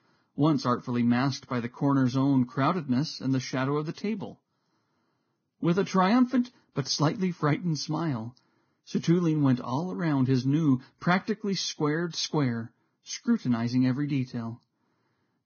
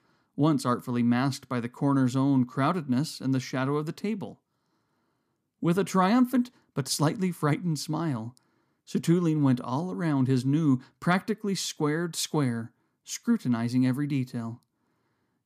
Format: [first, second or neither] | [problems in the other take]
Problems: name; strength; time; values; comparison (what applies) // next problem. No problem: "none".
second | garbled, watery; badly; nothing above 6.5 kHz